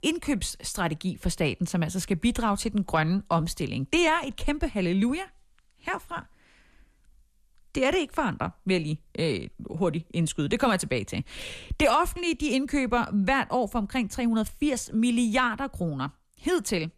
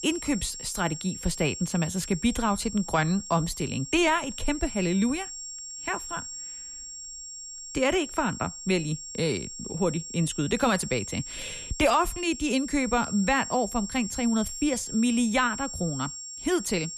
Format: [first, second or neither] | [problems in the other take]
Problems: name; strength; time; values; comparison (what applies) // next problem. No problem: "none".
first | high-pitched whine; loud; throughout; 7.5 kHz, 9 dB below the speech